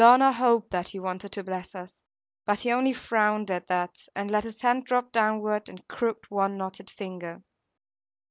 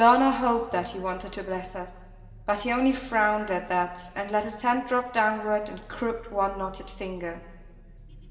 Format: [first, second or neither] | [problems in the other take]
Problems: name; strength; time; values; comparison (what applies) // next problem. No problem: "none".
first | background sound (Vehicle); 20 dB below the speech // room echo; dies away in 1.9 s